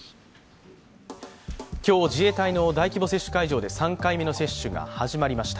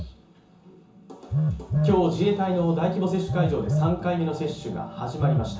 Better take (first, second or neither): first